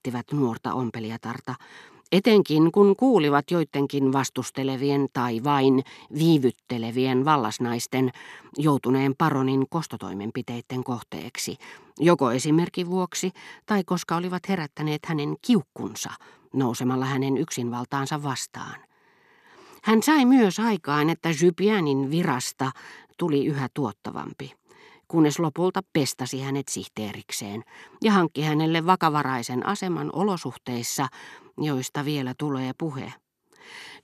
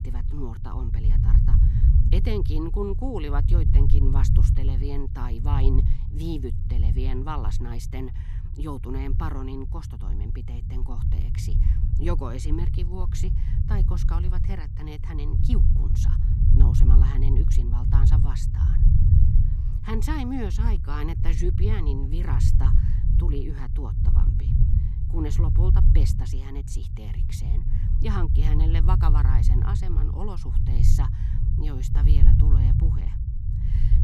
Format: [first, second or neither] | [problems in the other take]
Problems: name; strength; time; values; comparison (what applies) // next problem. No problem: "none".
first | low rumble; loud; throughout; 3 dB below the speech